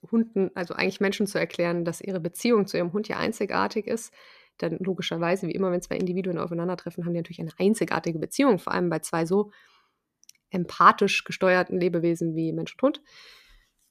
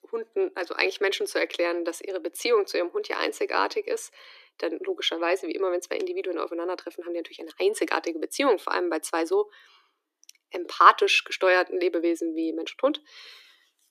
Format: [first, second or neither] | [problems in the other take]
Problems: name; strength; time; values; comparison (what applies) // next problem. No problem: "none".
first | thin; very; fading below 300 Hz